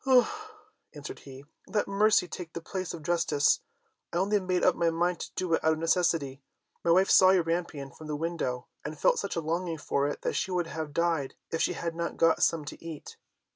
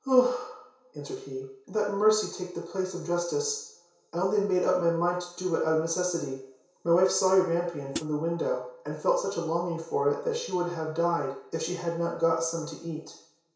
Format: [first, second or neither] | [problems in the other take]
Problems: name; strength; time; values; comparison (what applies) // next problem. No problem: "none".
first | background sound (Hi-hat); 8 dB below the speech // room echo; dies away in 0.6 s